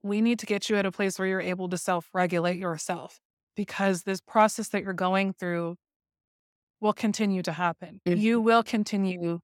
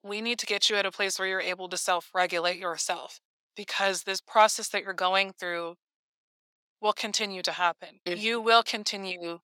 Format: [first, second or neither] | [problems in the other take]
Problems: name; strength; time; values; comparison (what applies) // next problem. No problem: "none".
first | thin; very; fading below 550 Hz